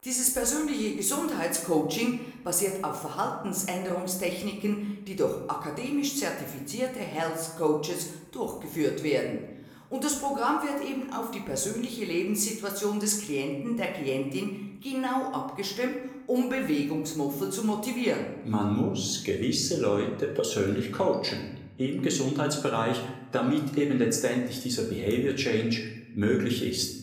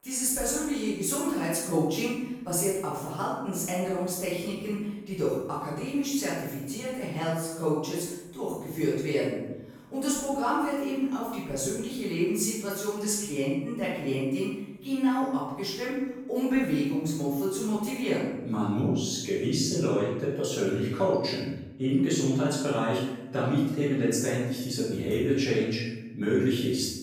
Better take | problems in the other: first | room echo; strong; dies away in 0.9 s; slight in the first // off-mic speech; far; somewhat distant in the first

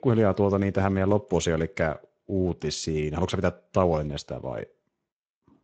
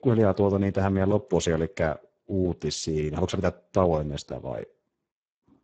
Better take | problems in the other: first | garbled, watery; badly; nothing above 7.5 kHz; slightly in the first

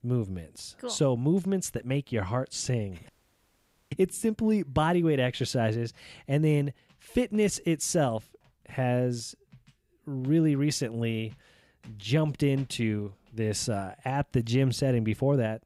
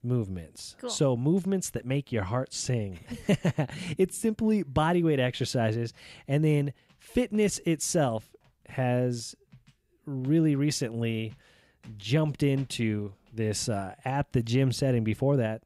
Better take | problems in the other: second | audio cutting out; at 3 s for 1 s

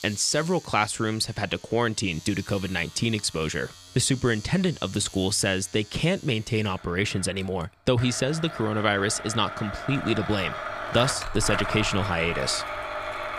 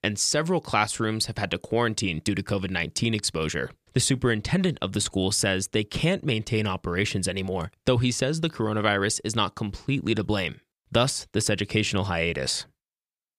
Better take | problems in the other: second | household noises; loud; throughout; 9 dB below the speech

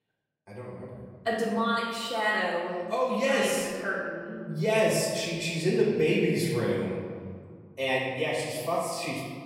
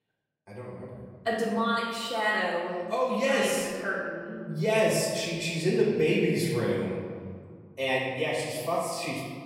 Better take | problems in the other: neither | off-mic speech; far; the same in both // room echo; noticeable; dies away in 1.7 s; the same in both

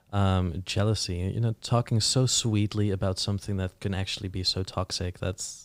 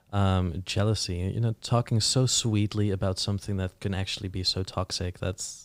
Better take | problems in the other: neither | none

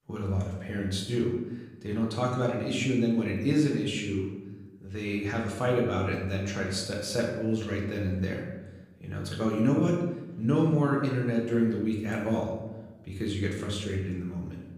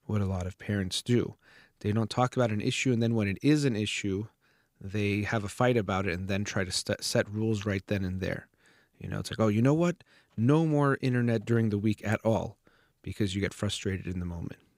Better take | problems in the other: second | room echo; noticeable; dies away in 0.9 s // off-mic speech; far

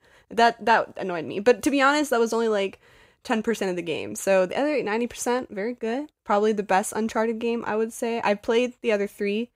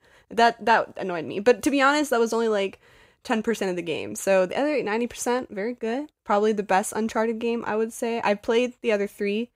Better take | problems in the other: neither | none

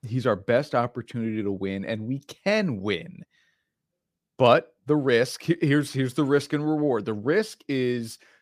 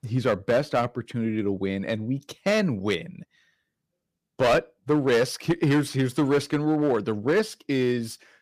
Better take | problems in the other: first | distortion; slight; 4% of the sound clipped

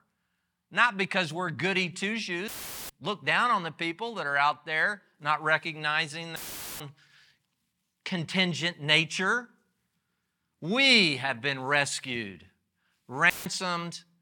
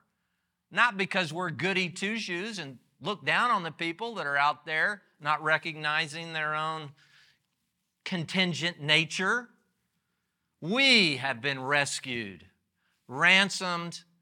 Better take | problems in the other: second | audio cutting out; filled with static; at 2.5 s, at 6.5 s and at 13 s

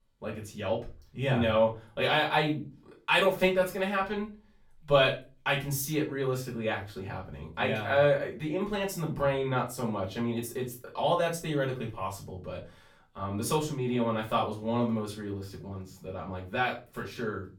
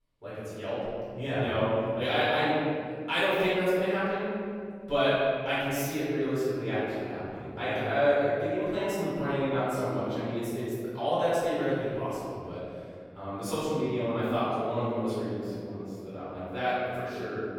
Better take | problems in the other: first | room echo; strong; dies away in 2.4 s; slight in the first // off-mic speech; far; far in the first

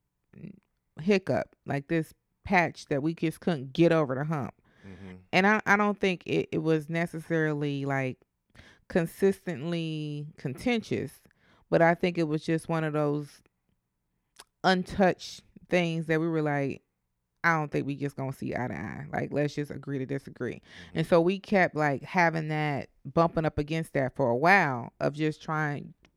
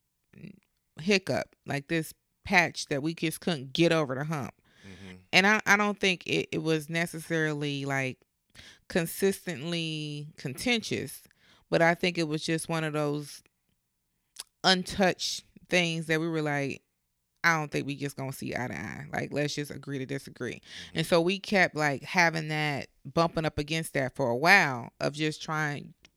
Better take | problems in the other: second | muffled; slightly; fading above 2 kHz

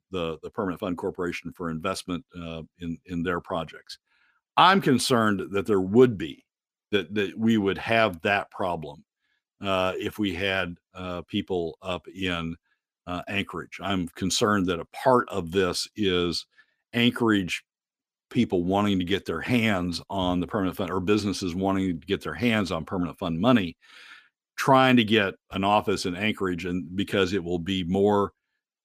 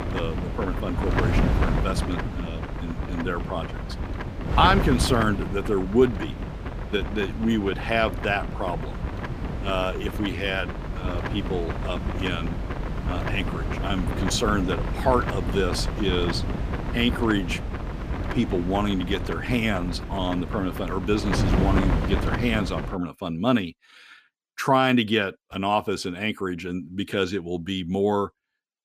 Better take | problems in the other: first | wind noise on the microphone; heavy; until 23 s; 7 dB below the speech

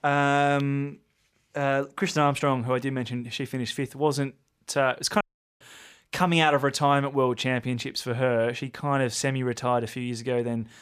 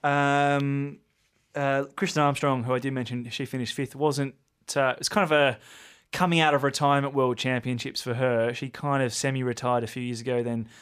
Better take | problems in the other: second | audio cutting out; at 5 s

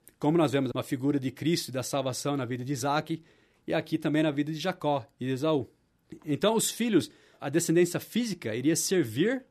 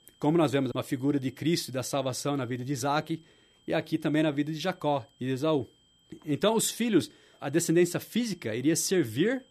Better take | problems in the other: first | high-pitched whine; faint; throughout; 3 kHz, 35 dB below the speech

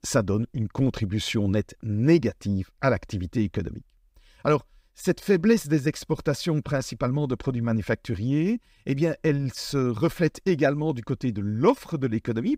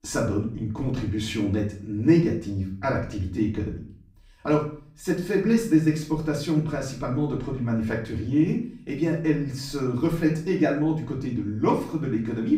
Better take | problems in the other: first | room echo; slight; dies away in 0.4 s // off-mic speech; far

